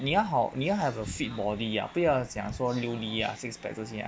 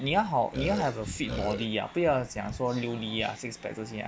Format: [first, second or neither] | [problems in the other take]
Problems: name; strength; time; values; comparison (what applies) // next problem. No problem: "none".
first | background sound (Burping, eructation); 5 dB below the speech